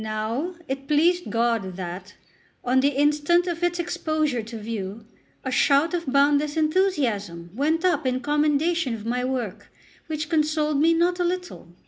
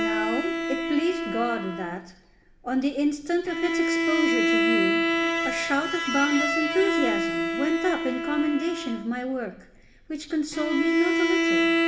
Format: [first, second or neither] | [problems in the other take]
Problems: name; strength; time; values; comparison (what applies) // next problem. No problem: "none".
first | background sound (Bowed string instrument); 1 dB above the speech // room echo; dies away in 0.8 s